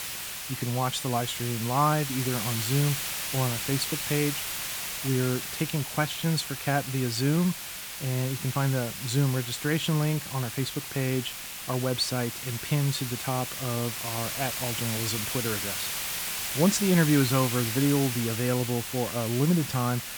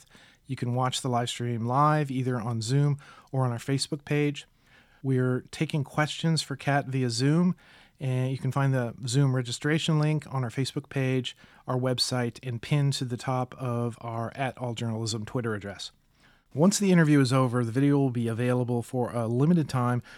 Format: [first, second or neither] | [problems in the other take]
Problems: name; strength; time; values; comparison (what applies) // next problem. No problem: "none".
second | hiss; loud; throughout; 4 dB below the speech